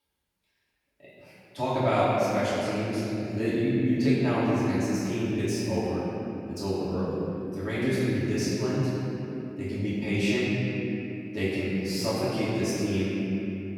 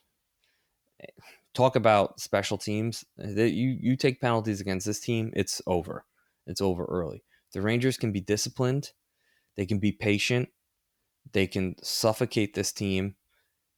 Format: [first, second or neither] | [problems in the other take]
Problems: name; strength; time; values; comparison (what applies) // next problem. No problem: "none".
second | off-mic speech; far // room echo; strong; dies away in 3 s